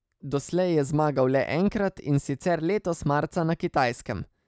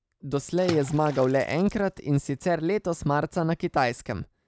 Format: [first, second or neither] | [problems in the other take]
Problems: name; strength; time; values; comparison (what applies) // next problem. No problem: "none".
first | background sound (Water / Splash, splatter); 18 dB below the speech